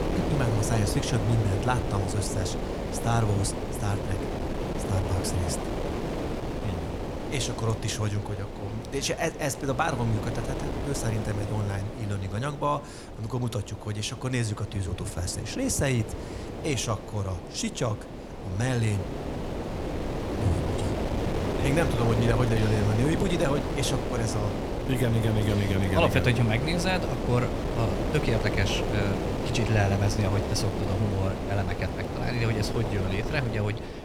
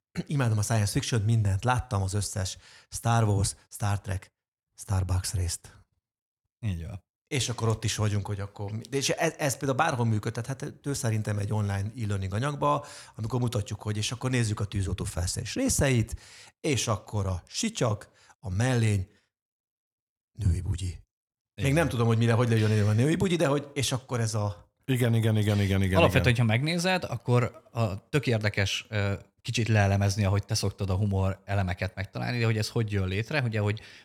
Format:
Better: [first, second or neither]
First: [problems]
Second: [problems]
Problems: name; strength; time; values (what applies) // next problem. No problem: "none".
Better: second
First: wind noise on the microphone; heavy; 2 dB below the speech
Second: none